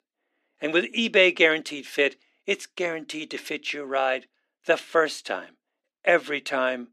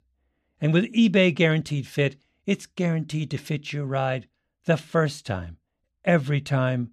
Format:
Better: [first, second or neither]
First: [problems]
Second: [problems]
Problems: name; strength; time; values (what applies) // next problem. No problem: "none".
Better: second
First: thin; very; fading below 300 Hz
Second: none